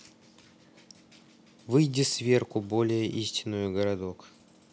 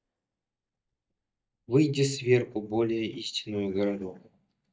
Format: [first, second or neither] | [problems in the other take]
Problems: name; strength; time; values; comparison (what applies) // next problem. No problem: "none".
first | noise reduction (neural mask model DeepFilterNet 3)